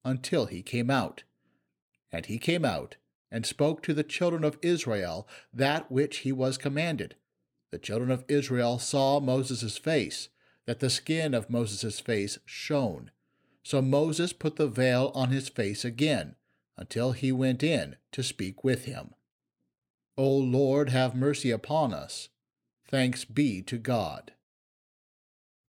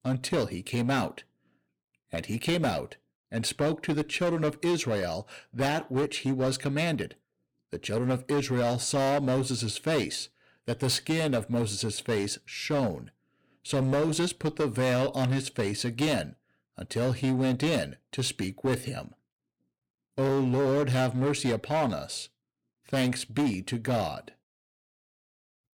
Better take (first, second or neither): first